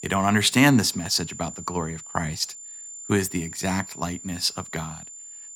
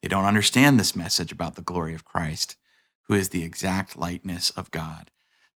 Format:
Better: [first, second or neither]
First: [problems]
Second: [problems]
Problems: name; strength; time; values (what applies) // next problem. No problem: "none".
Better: second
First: high-pitched whine; noticeable; throughout; 7 kHz, 15 dB below the speech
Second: none